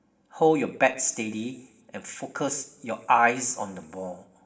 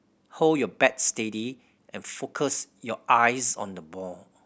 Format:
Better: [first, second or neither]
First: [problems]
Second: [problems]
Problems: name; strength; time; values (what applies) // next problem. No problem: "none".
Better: second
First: room echo; dies away in 1.6 s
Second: none